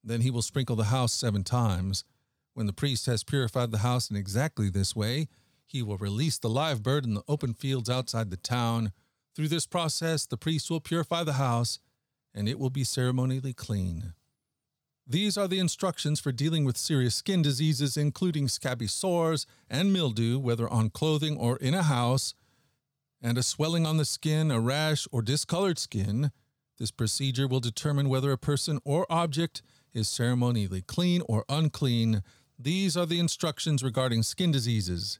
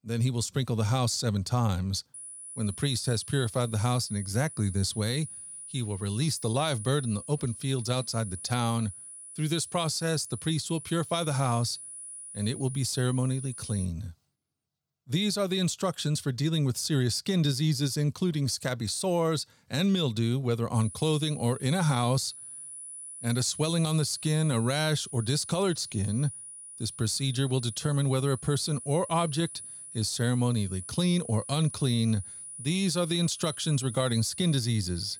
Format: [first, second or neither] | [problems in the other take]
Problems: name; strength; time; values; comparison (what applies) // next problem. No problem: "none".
first | high-pitched whine; noticeable; from 2 to 14 s and from 21 s on; 9.5 kHz, 10 dB below the speech